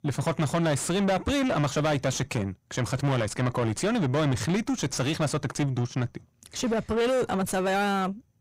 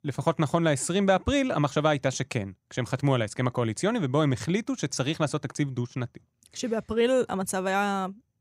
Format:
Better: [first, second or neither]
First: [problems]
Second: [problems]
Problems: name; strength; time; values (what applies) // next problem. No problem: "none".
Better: second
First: distortion; heavy; 6 dB below the speech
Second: none